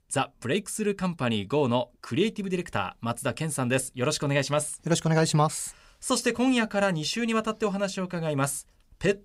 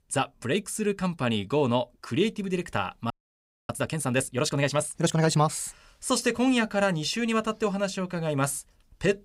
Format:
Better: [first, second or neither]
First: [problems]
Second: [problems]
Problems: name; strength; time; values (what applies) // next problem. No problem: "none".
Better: first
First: none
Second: audio freezing; at 3 s for 0.5 s